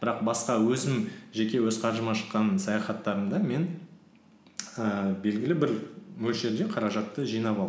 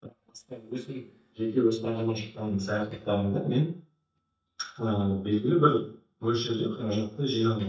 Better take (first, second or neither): first